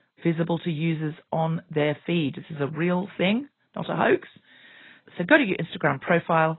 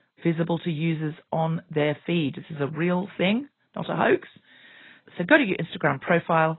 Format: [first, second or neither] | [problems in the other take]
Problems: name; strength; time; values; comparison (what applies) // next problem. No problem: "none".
neither | garbled, watery; badly; nothing above 4 kHz; the same in both